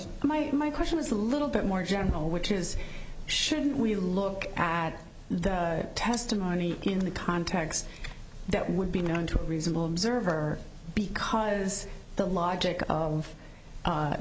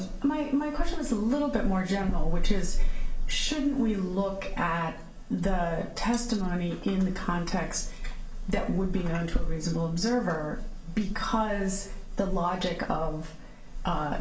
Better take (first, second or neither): first